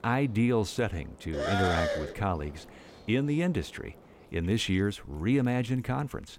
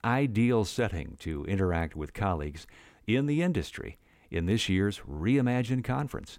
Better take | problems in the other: second | animal sounds; loud; throughout; 3 dB below the speech

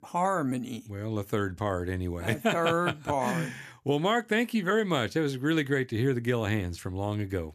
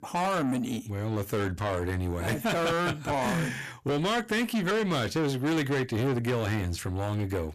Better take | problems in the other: first | distortion; heavy; 7 dB below the speech

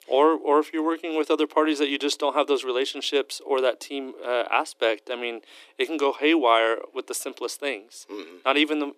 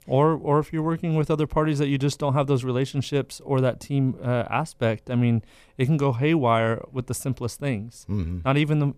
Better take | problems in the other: second | thin; somewhat; fading below 300 Hz

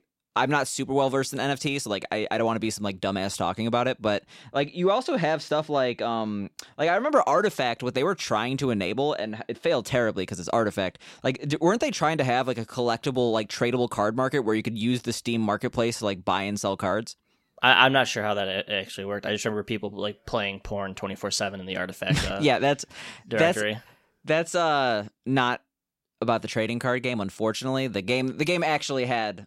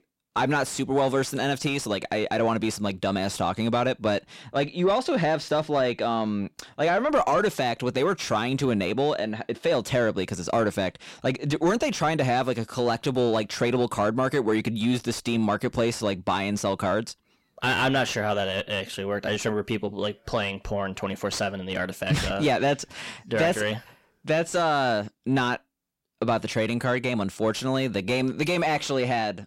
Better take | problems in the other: first | distortion; slight; 10 dB below the speech

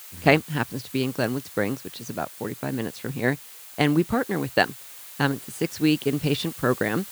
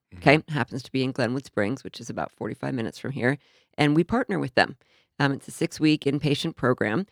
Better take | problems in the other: second | hiss; noticeable; throughout; 15 dB below the speech

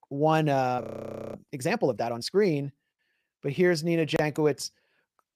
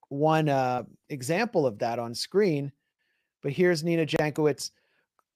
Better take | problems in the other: second | audio freezing; at 1 s for 0.5 s

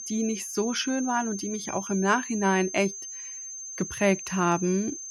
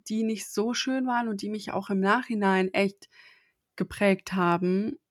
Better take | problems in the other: second | high-pitched whine; loud; throughout; 6.5 kHz, 8 dB below the speech

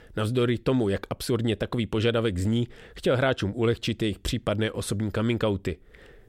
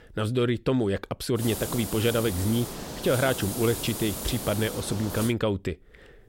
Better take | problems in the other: first | hiss; loud; from 1.5 to 5.5 s; 7 dB below the speech

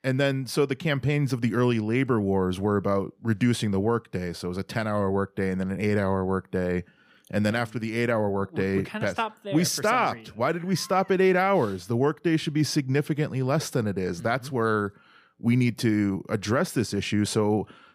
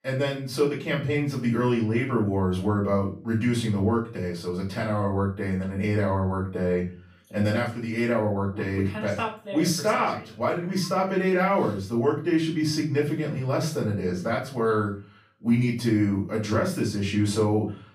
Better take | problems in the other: first | off-mic speech; far // room echo; slight; dies away in 0.3 s

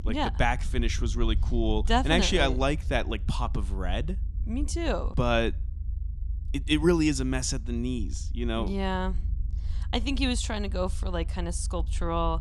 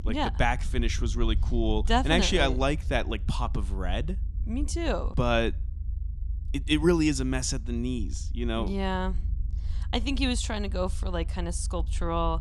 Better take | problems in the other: neither | low rumble; faint; throughout; 25 dB below the speech; the same in both

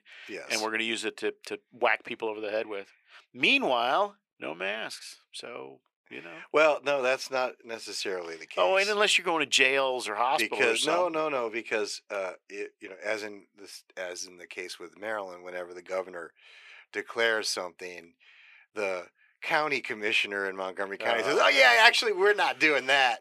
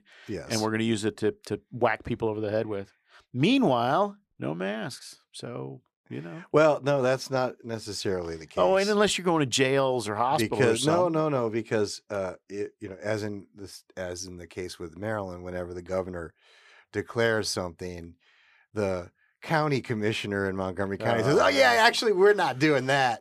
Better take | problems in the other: second | thin; somewhat; fading below 450 Hz

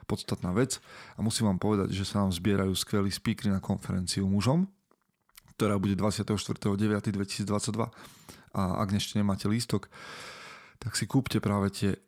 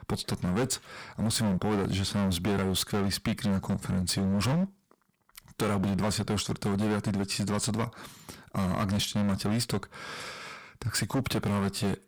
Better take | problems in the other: first | distortion; heavy; 17% of the sound clipped

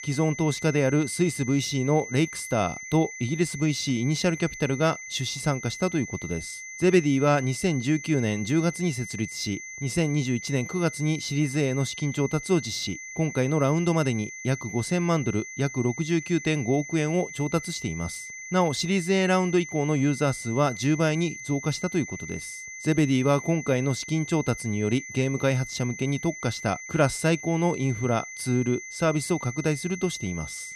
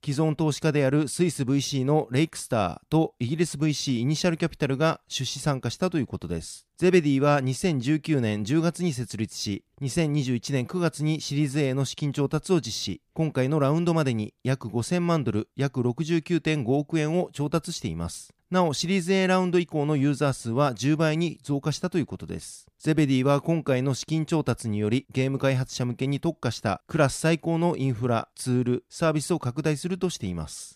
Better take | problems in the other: second | high-pitched whine; noticeable; throughout; 2 kHz, 10 dB below the speech

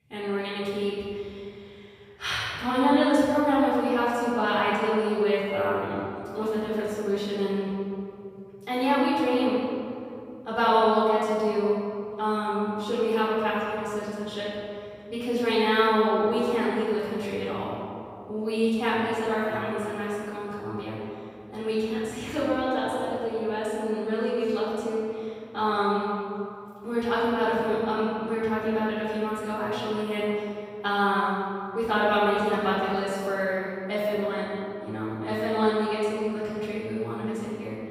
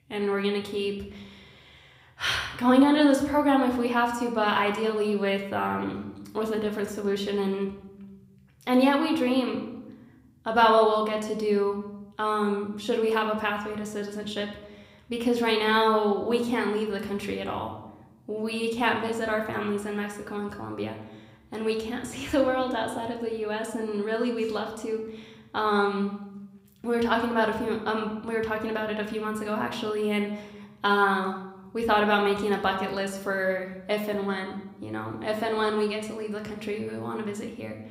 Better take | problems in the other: second | room echo; strong; dies away in 2.2 s; slight in the second // off-mic speech; far

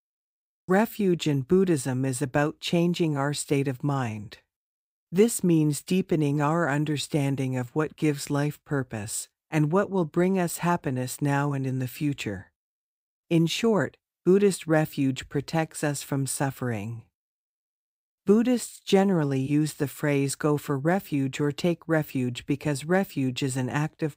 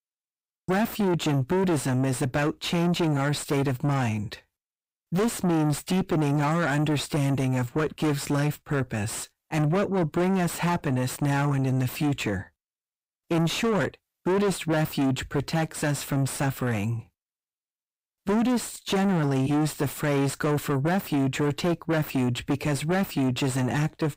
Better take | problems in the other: first | distortion; heavy; 5 dB below the speech

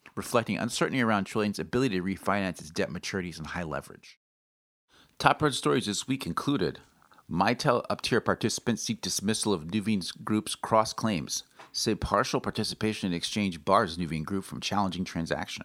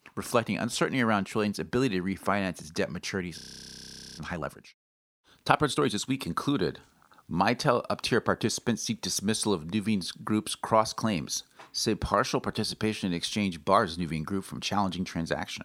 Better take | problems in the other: first | audio freezing; at 3.5 s for 1 s

